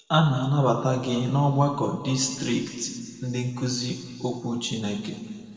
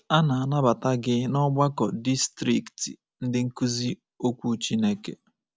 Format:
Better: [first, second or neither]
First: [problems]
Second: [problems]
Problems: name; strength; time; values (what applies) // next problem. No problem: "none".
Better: second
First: room echo; dies away in 2.1 s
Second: none